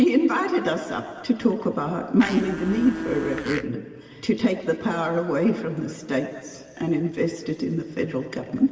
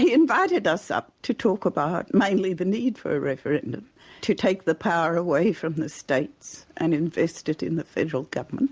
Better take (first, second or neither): second